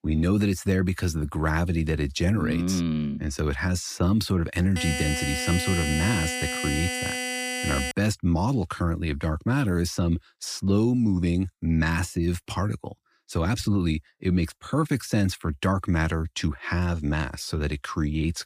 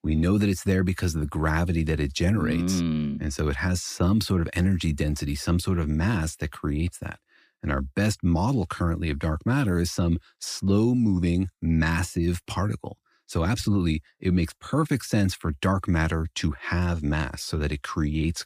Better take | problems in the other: second | alarm; noticeable; from 5 to 8 s; peak 2 dB below the speech

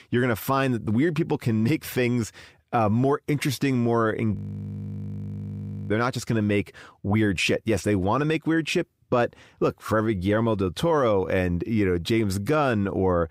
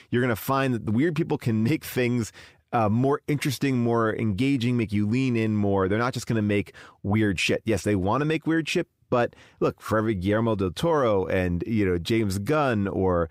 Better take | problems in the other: second | audio freezing; at 4.5 s for 1.5 s

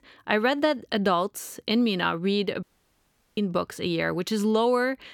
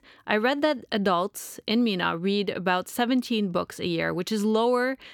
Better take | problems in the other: second | audio cutting out; at 2.5 s for 0.5 s

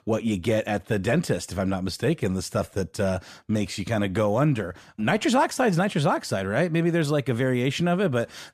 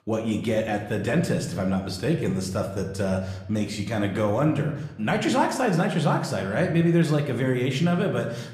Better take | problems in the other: first | room echo; slight; dies away in 0.8 s

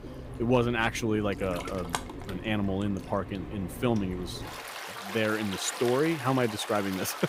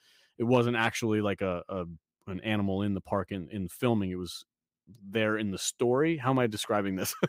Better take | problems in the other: second | rain or running water; loud; throughout; 9 dB below the speech

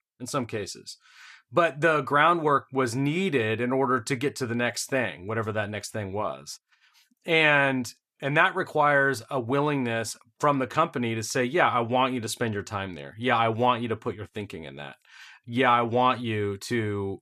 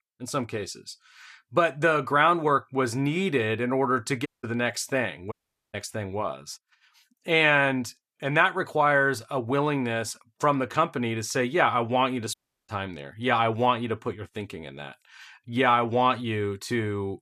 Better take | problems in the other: first | audio cutting out; at 4.5 s, at 5.5 s and at 12 s

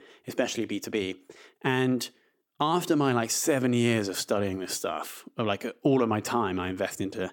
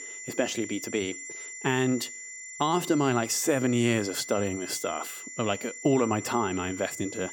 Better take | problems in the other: first | high-pitched whine; noticeable; throughout; 7 kHz, 10 dB below the speech

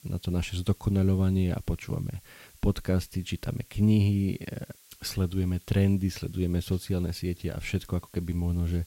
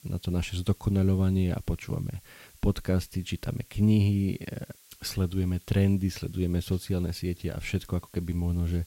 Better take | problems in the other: neither | hiss; faint; throughout; 25 dB below the speech; the same in both

